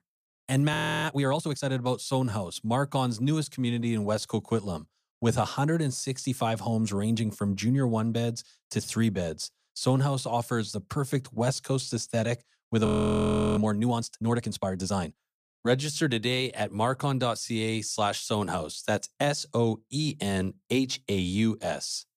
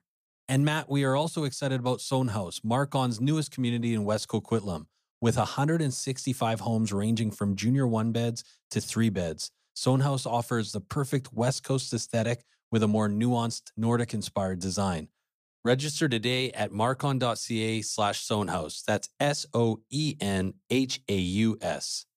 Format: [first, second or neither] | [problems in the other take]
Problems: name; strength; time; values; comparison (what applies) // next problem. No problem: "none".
second | audio freezing; at 0.5 s and at 13 s for 0.5 s